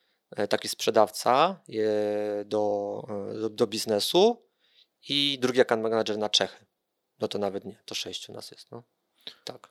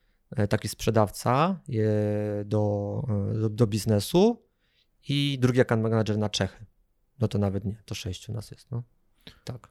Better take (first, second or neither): second